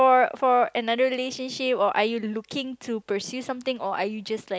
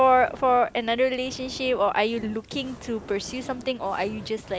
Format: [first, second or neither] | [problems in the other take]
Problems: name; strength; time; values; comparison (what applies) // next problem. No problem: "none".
first | background sound (Fire); 19 dB below the speech